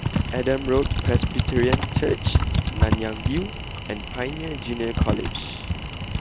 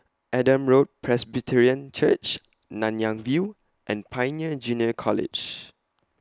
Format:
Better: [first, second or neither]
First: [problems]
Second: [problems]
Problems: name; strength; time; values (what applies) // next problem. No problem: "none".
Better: second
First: background sound (Typing); 3 dB above the speech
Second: none